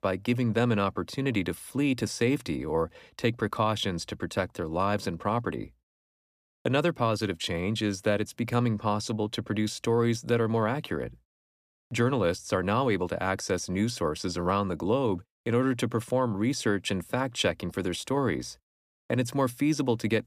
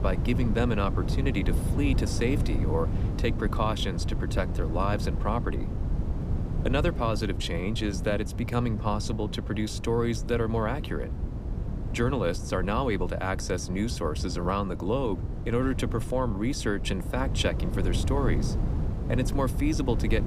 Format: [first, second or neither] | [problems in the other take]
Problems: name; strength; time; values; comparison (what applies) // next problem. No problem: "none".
first | wind noise on the microphone; occasional gusts; 10 dB below the speech